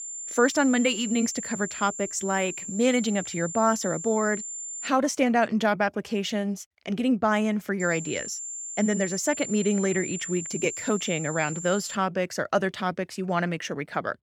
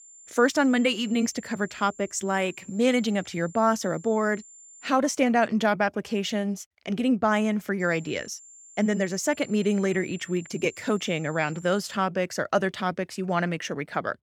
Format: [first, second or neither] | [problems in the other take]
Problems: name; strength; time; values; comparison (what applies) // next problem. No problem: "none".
second | high-pitched whine; loud; until 5 s and from 8 to 12 s; 7.5 kHz, 7 dB below the speech; faint in the second